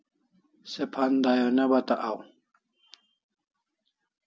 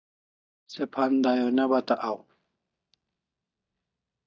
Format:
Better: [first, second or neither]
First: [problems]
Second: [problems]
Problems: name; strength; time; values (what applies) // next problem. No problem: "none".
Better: first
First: none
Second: noise reduction (neural mask model DeepFilterNet 3)